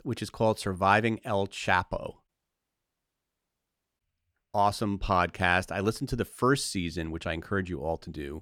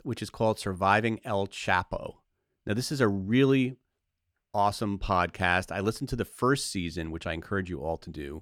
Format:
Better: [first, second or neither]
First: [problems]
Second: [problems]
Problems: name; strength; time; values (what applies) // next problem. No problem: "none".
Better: second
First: audio cutting out; at 2.5 s for 1.5 s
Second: none